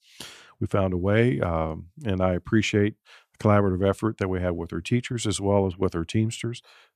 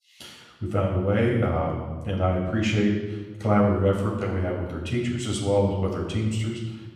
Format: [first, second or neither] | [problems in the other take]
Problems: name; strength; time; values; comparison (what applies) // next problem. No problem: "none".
first | off-mic speech; far // room echo; noticeable; dies away in 1.2 s